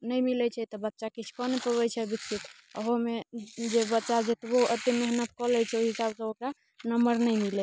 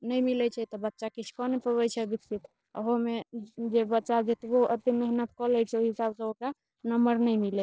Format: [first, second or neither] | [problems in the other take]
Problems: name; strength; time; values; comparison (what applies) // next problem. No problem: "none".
first | noise reduction (neural separator model SepFormer DNS4)